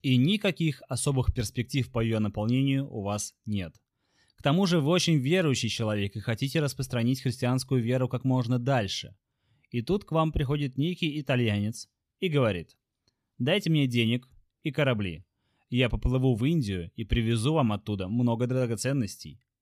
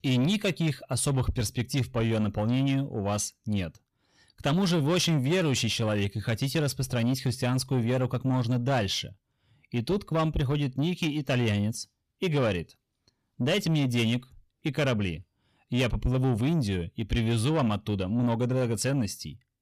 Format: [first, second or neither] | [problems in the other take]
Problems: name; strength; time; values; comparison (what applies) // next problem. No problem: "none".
first | distortion; slight; 10 dB below the speech